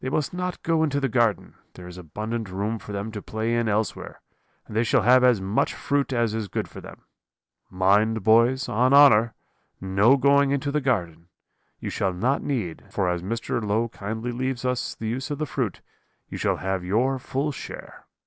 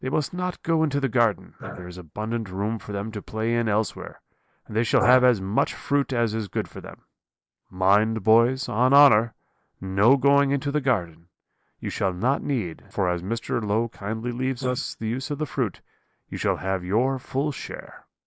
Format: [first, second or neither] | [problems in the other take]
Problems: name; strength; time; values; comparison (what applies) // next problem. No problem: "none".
first | noise reduction (neural mask model Resemble Enhance denoiser)